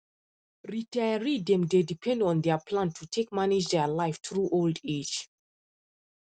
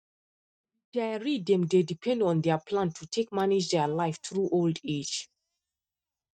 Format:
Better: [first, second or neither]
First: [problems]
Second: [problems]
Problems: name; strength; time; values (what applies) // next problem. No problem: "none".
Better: first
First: none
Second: noise reduction (neural mask model DeepFilterNet 3)